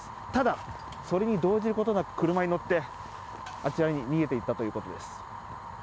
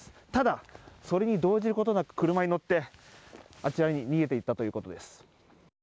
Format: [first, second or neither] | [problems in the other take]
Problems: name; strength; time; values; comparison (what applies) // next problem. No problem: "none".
second | background sound (Fire); 12 dB below the speech